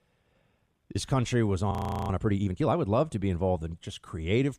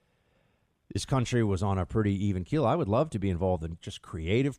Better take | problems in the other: second | audio freezing; at 1.5 s

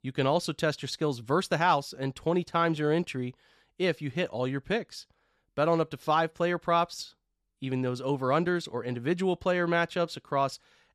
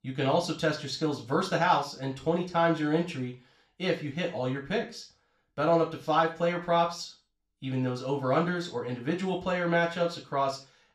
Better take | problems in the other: first | room echo; slight; dies away in 0.3 s // off-mic speech; far

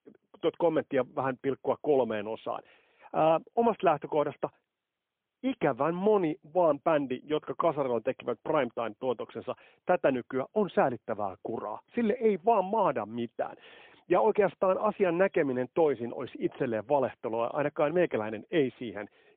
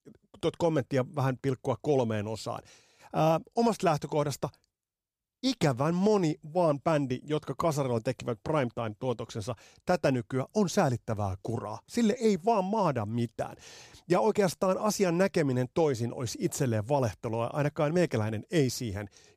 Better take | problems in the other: second | phone-call audio; poor line; nothing above 3.5 kHz

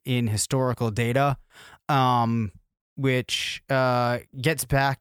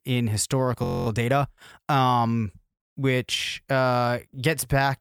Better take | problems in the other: first | audio freezing; at 1 s

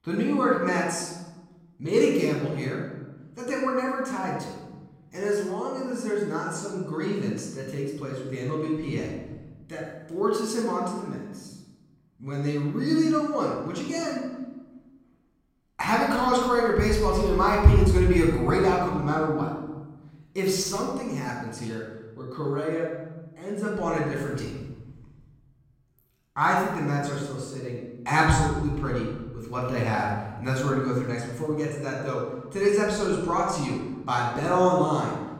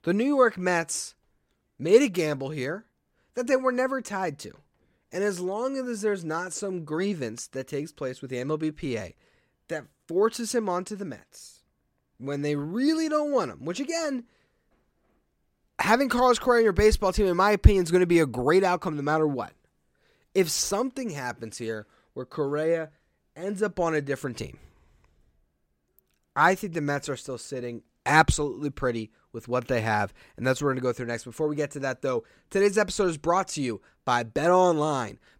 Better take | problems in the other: second | off-mic speech; far // room echo; noticeable; dies away in 1.3 s

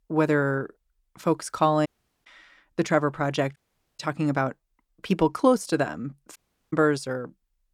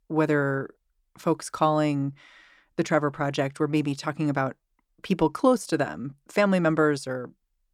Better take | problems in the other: second | audio cutting out; at 2 s, at 3.5 s and at 6.5 s

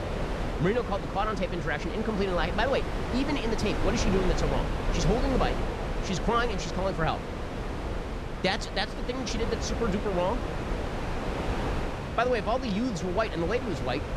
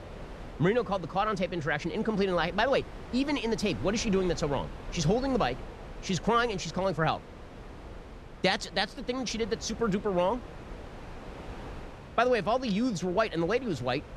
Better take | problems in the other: second | wind noise on the microphone; heavy; 5 dB below the speech; occasional gusts in the second

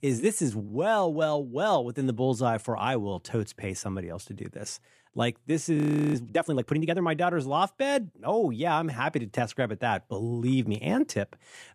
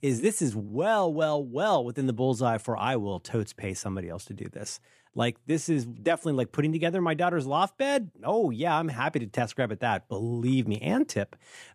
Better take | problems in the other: second | audio freezing; at 6 s

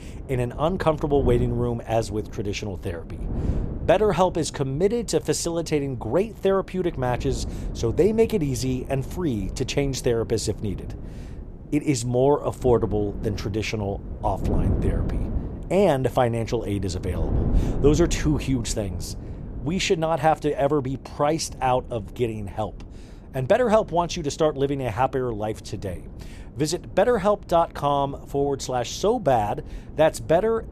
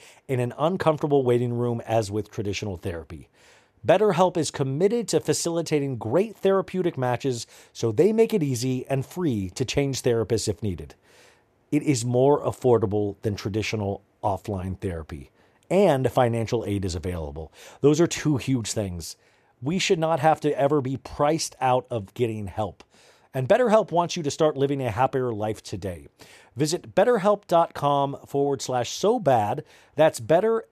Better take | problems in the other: second | wind noise on the microphone; occasional gusts; 20 dB below the speech

